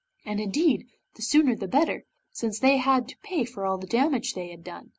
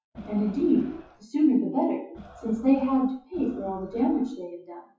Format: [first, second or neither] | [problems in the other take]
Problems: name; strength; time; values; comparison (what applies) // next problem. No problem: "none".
first | noise reduction (classical method WPE with log-MMSE)